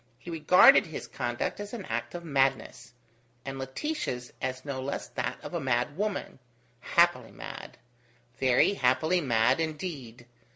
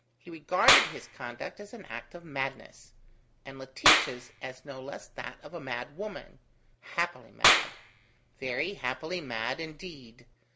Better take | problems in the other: first | background sound (Clapping); 4 dB above the speech

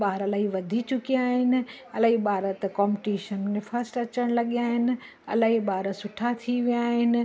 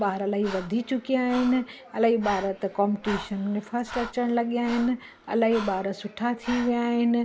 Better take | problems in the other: first | background sound (Breathing); 15 dB below the speech

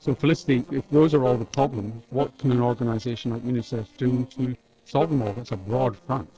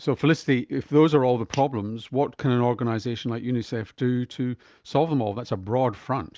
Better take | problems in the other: second | noise reduction (neural separator model SepFormer DNS4)

